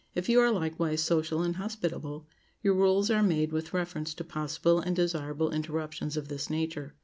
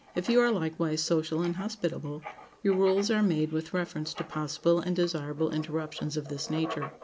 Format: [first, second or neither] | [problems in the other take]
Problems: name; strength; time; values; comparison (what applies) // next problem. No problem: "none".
first | background sound (Writing); 17 dB below the speech